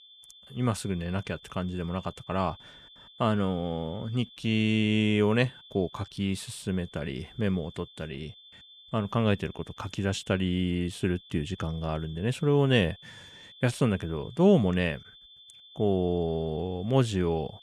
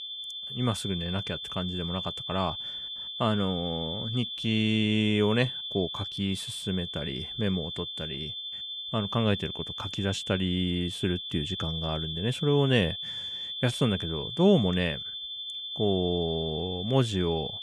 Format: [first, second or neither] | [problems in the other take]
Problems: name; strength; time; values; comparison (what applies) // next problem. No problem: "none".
first | high-pitched whine; loud; throughout; 3.5 kHz, 5 dB below the speech; faint in the first